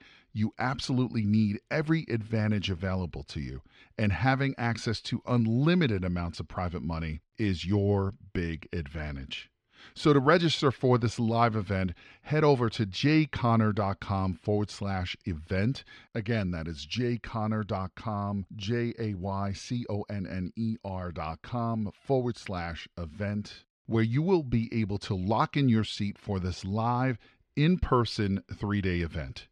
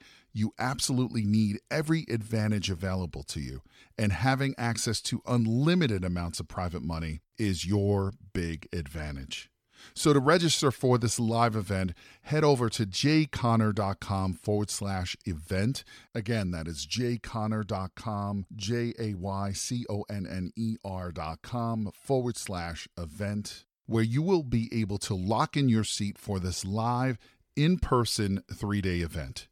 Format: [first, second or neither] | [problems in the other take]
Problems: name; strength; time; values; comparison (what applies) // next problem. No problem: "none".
second | muffled; very slightly; fading above 3 kHz